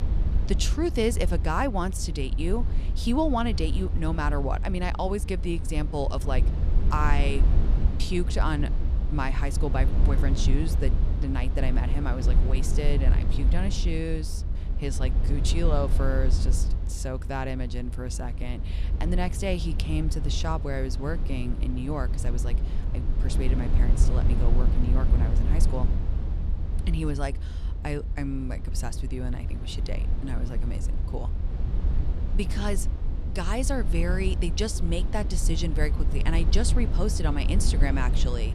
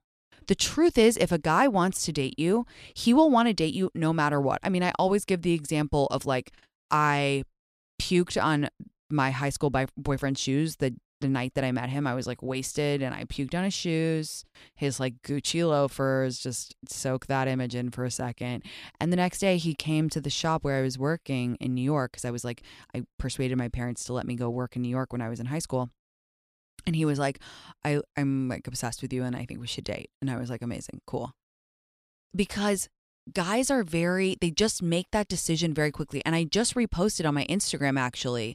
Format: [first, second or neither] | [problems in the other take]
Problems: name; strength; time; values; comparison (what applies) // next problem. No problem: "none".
second | low rumble; loud; throughout; 10 dB below the speech